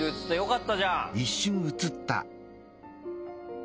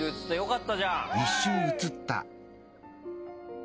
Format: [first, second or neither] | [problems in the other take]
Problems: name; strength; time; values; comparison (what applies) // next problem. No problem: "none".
first | background sound (Cheering); 2 dB below the speech